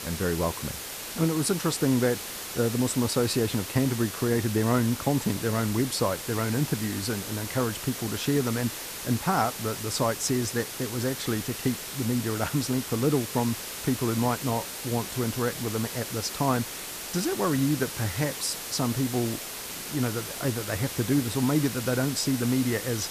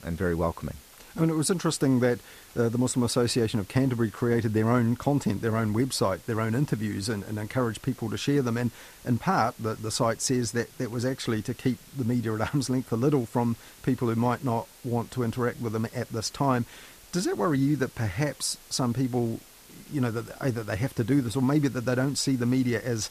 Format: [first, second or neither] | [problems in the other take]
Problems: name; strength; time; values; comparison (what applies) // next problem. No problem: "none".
second | hiss; loud; throughout; 6 dB below the speech; faint in the second